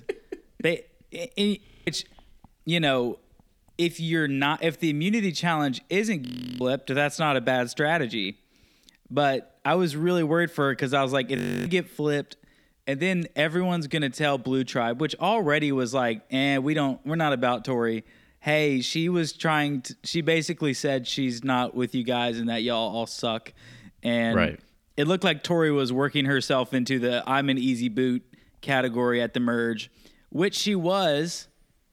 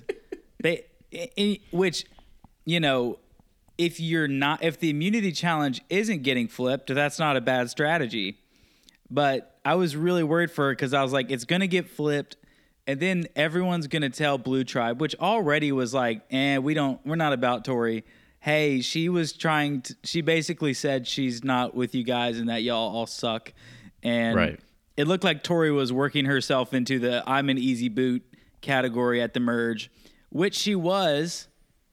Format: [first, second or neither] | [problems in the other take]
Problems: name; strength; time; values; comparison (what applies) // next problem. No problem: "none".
second | audio freezing; at 1.5 s, at 6.5 s and at 11 s